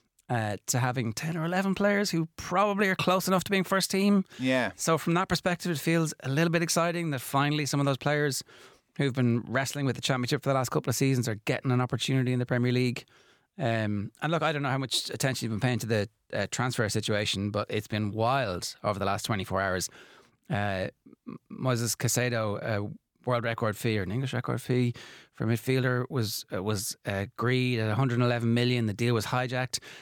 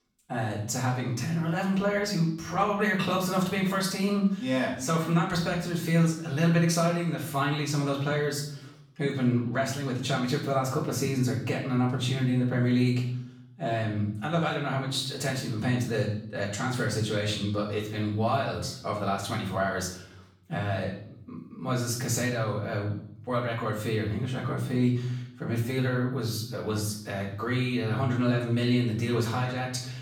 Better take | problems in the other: first | off-mic speech; far // room echo; noticeable; dies away in 0.7 s

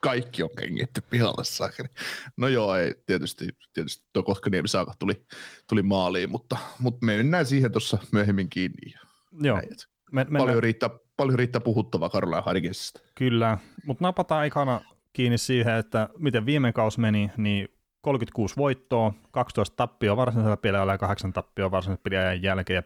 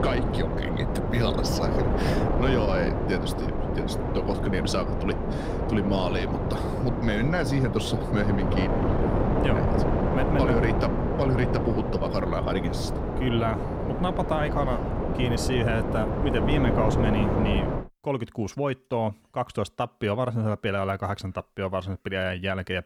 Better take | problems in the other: first | wind noise on the microphone; heavy; until 18 s; as loud as the speech

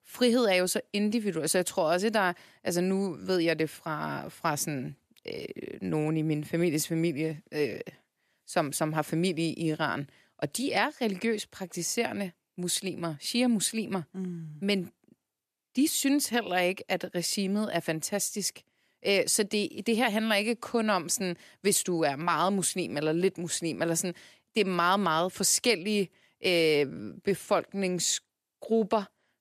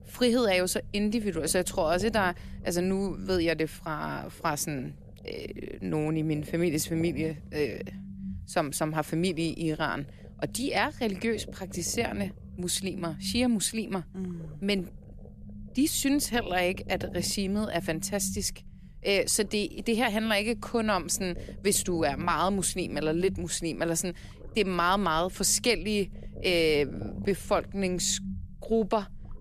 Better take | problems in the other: first | low rumble; faint; throughout; 20 dB below the speech

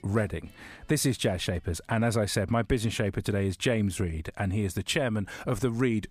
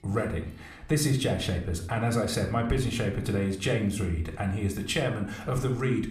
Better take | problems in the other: first | room echo; slight; dies away in 0.5 s

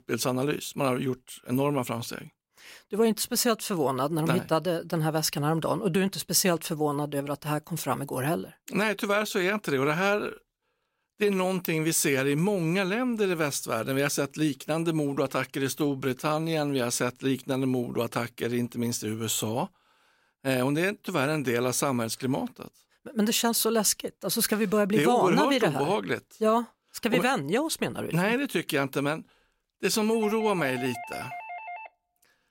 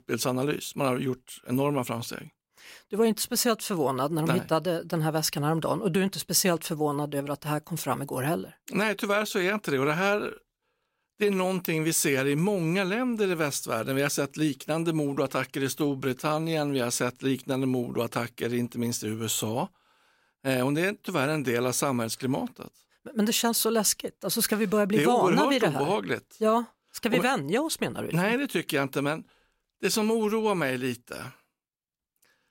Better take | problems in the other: second | doorbell; faint; from 30 to 32 s; peak 10 dB below the speech

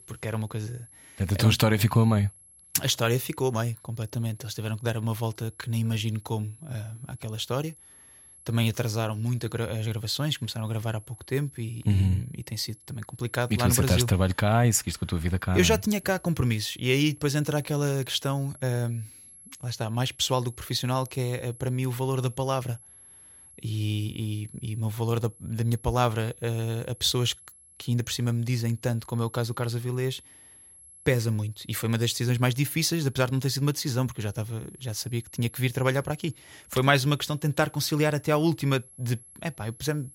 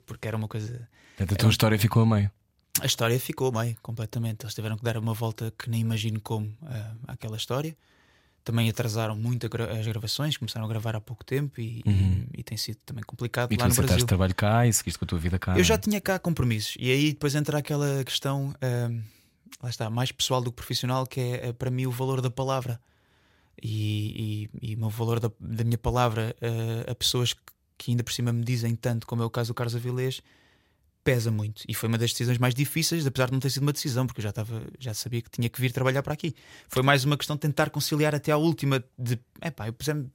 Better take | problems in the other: second | high-pitched whine; faint; throughout; 11 kHz, 20 dB below the speech

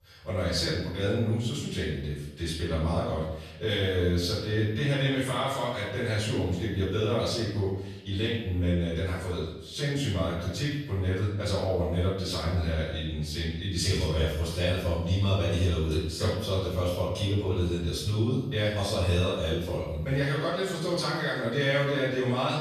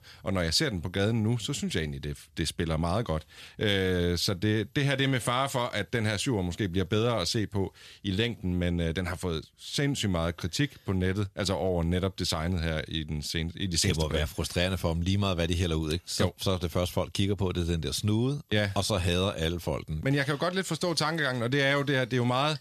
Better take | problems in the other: second | room echo; noticeable; dies away in 0.8 s // off-mic speech; far

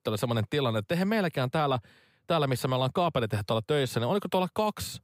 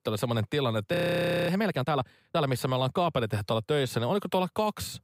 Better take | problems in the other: first | audio freezing; at 1 s for 0.5 s

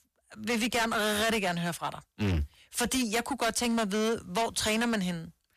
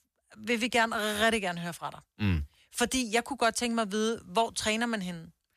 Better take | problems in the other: second | distortion; heavy; 18% of the sound clipped

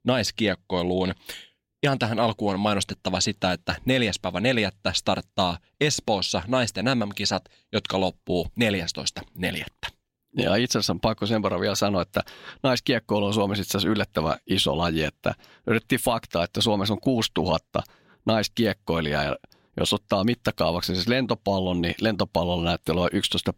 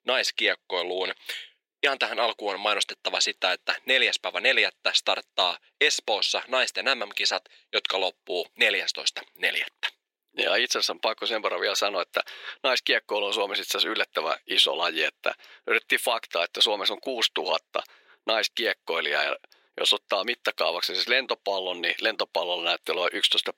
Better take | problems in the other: first | thin; very; fading below 400 Hz

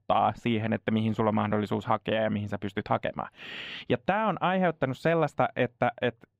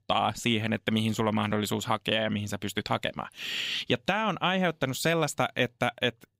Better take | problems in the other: second | muffled; very; fading above 3.5 kHz

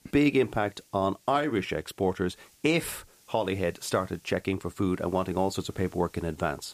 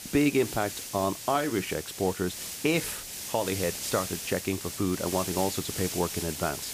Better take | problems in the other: first | hiss; loud; throughout; 5 dB below the speech; faint in the first

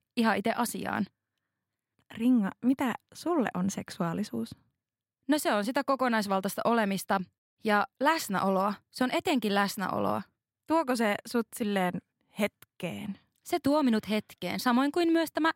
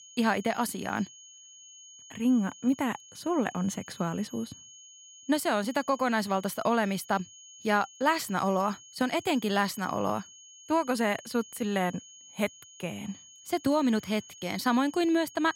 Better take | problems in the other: first | high-pitched whine; noticeable; throughout; 6.5 kHz, 20 dB below the speech

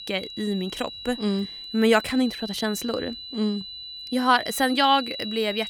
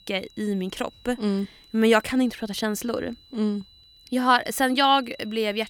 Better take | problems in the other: second | high-pitched whine; loud; throughout; 4 kHz, 10 dB below the speech; faint in the second

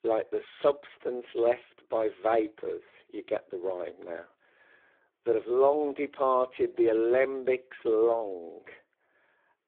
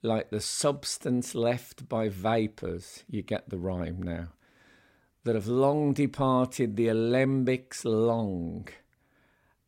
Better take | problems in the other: second | phone-call audio; poor line; nothing above 3.5 kHz

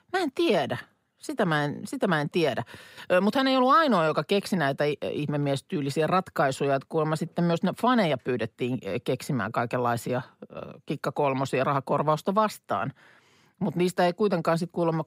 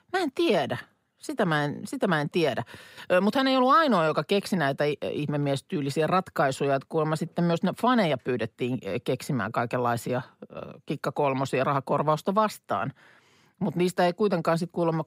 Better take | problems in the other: neither | none

